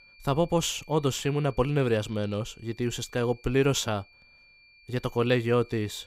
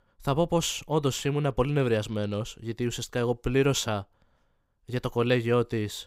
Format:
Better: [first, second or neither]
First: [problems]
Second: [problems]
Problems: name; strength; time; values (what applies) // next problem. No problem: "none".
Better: second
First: high-pitched whine; faint; throughout; 2.5 kHz, 25 dB below the speech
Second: none